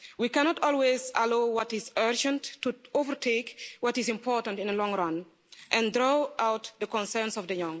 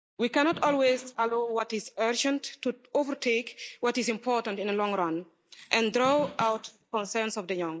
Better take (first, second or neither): first